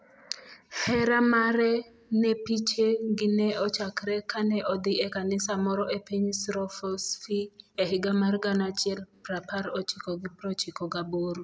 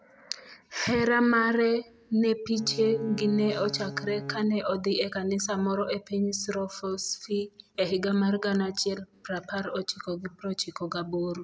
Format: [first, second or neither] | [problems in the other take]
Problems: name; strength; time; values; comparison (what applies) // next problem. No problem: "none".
first | background sound (Bowed string instrument); 12 dB below the speech